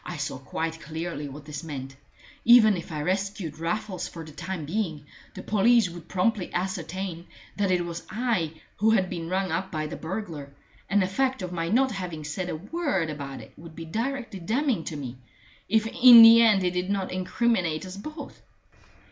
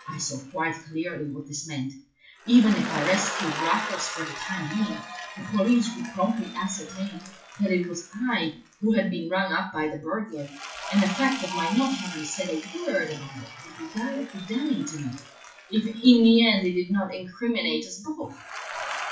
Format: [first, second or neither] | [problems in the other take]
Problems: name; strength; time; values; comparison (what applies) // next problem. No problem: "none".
first | noise reduction (classical method WPE with log-MMSE)